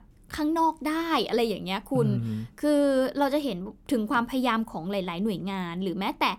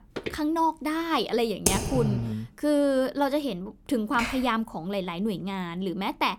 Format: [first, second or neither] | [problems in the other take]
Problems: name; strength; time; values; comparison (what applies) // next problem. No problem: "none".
first | footsteps; noticeable; at the start; peak 9 dB below the speech // keyboard typing; loud; at 1.5 s; peak 2 dB above the speech // keyboard typing; noticeable; at 4 s; peak 6 dB below the speech